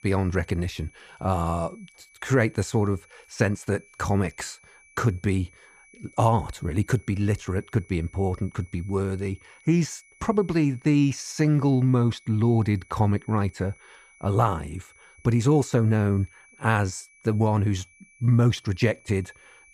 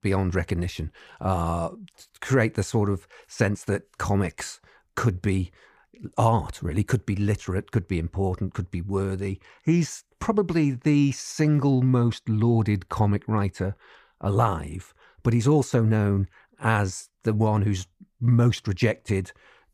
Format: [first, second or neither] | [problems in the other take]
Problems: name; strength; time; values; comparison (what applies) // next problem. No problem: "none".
second | high-pitched whine; faint; throughout; 2 kHz, 30 dB below the speech